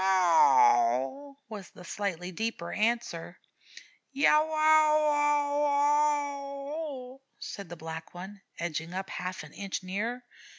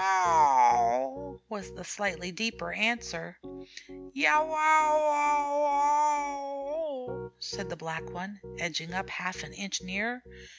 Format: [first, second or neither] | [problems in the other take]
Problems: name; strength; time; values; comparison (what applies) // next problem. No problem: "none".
first | background sound (Piano); 17 dB below the speech